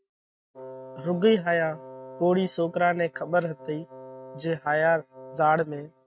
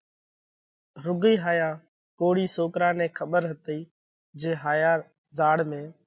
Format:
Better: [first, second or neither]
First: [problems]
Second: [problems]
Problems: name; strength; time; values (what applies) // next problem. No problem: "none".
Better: second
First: noise reduction (neural mask model RNNoise)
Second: none